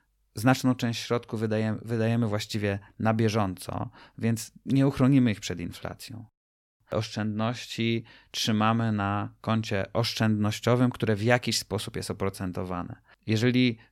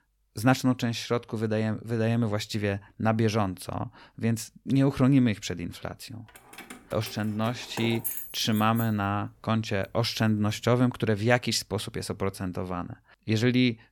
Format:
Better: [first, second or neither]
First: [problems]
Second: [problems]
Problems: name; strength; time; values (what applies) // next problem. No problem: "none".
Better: first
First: none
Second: jangling keys; noticeable; from 6.5 to 9 s; peak 4 dB below the speech